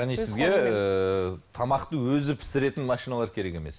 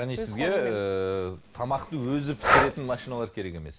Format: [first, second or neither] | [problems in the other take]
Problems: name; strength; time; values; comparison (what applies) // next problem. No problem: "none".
first | background sound (Breathing); 1 dB above the speech